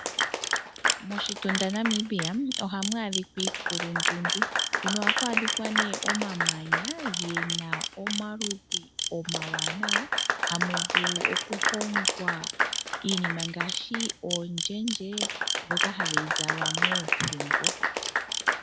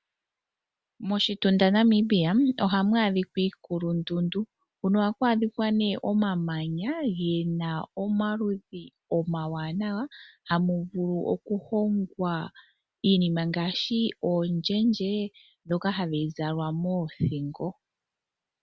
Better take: second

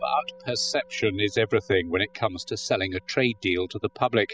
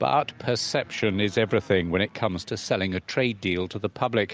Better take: second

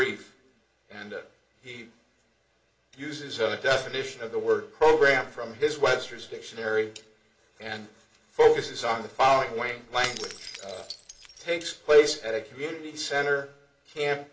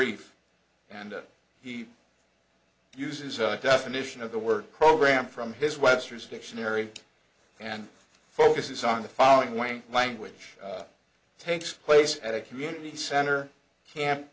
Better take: second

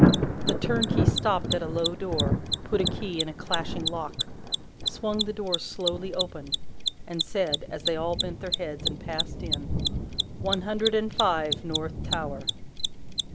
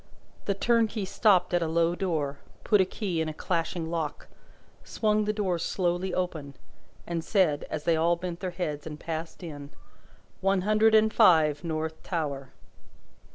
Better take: second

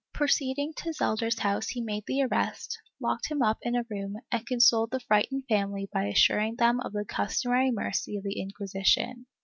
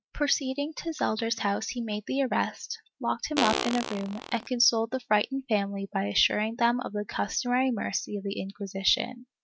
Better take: first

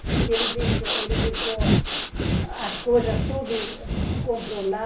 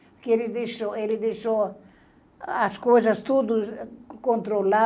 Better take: second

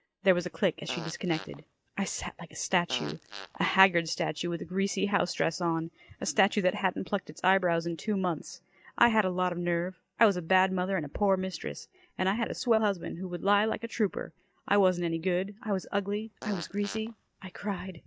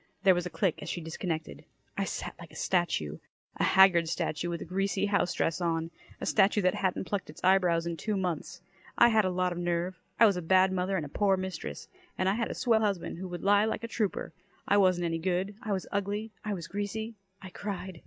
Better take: second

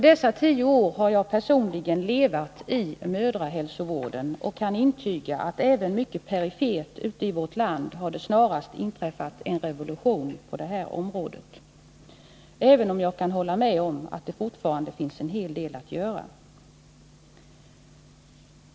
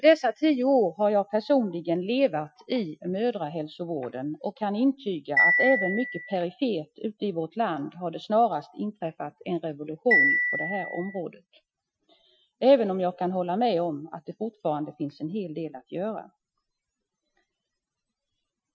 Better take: first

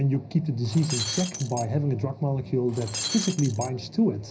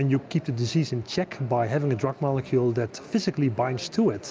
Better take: second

